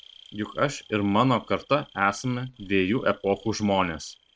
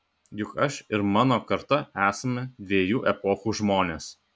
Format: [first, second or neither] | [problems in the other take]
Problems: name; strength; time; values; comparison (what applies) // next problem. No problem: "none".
second | noise reduction (neural mask model RNNoise)